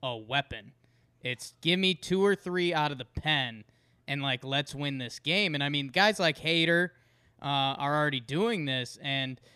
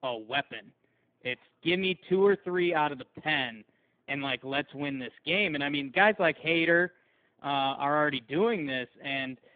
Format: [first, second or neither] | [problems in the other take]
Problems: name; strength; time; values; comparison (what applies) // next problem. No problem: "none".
first | phone-call audio; poor line; nothing above 3.5 kHz